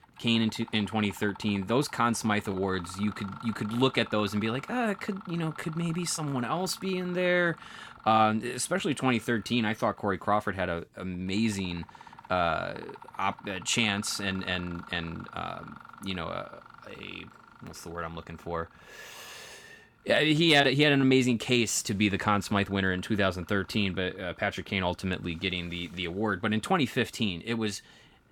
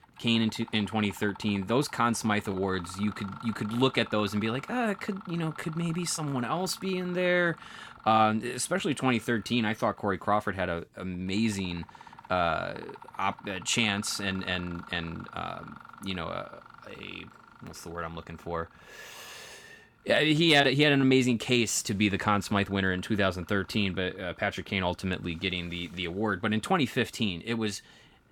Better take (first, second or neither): neither